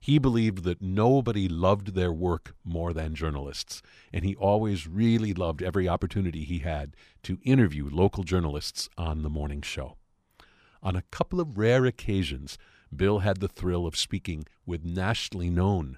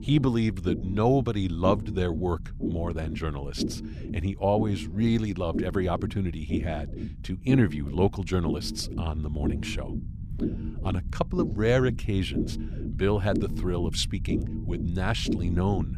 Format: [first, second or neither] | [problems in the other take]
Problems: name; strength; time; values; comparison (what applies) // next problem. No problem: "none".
first | low rumble; loud; throughout; 9 dB below the speech